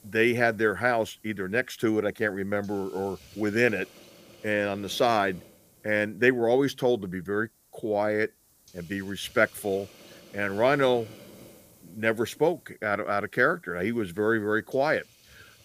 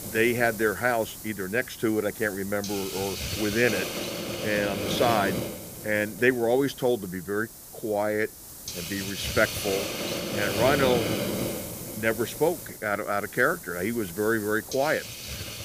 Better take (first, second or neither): first